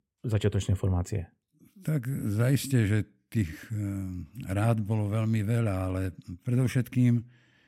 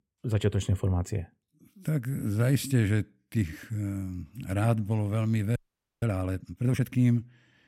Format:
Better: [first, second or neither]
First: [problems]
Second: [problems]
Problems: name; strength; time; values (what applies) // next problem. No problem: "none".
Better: first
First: none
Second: audio freezing; at 5.5 s